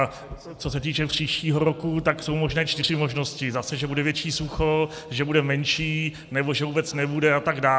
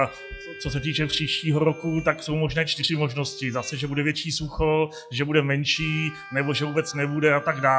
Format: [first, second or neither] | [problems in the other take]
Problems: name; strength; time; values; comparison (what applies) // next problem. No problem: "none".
first | noise reduction (classical method log-MMSE)